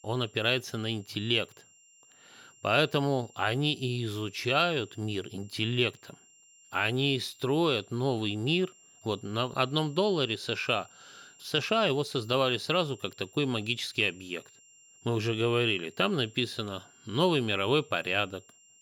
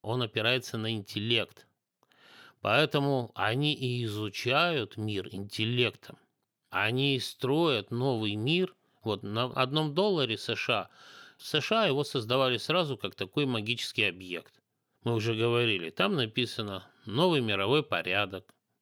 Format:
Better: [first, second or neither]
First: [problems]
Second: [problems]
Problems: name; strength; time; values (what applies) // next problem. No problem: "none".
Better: second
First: high-pitched whine; faint; throughout; 7.5 kHz, 25 dB below the speech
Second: none